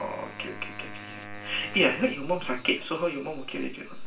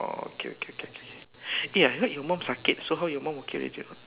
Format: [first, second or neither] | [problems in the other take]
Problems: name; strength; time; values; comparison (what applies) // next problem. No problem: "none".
second | background sound (Wind instrument, woodwind instrument); 15 dB below the speech // room echo; dies away in 0.3 s